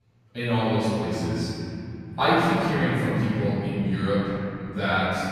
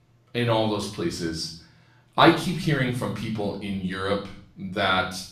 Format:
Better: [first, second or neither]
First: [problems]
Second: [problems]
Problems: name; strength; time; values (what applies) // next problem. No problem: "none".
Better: second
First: room echo; strong; dies away in 3 s // off-mic speech; far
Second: room echo; slight; dies away in 0.5 s // off-mic speech; far